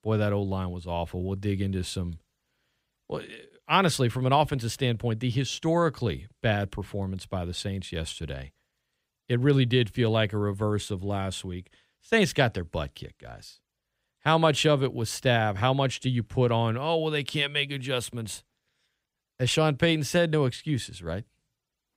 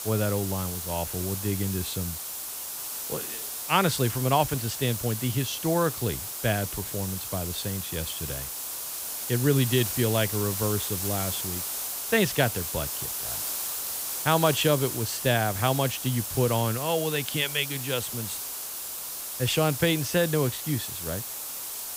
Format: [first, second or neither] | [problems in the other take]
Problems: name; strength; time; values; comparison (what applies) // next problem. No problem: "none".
first | hiss; loud; throughout; 4 dB below the speech